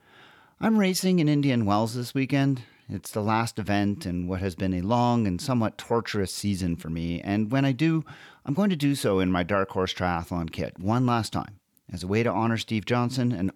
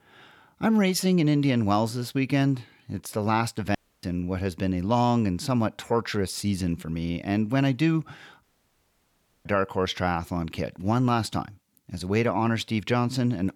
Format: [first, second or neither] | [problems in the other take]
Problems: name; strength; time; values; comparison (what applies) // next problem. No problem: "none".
first | audio cutting out; at 4 s and at 8.5 s for 1 s